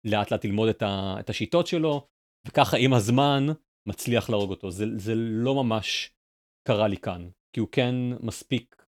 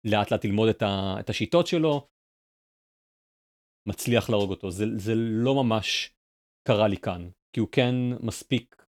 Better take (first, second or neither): first